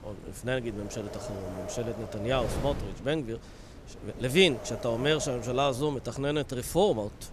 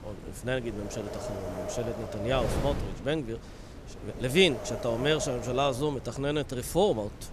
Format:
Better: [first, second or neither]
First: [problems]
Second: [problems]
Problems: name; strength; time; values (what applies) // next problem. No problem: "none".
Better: first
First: wind noise on the microphone; occasional gusts; 10 dB below the speech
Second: wind noise on the microphone; heavy; 8 dB below the speech